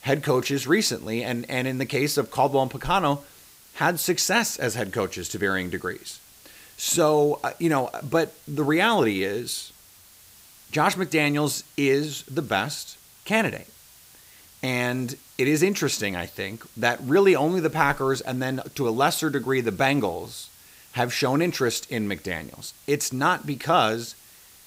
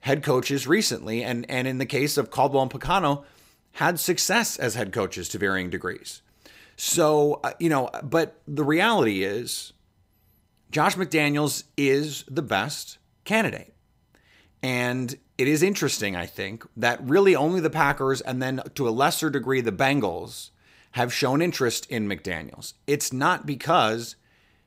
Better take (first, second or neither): second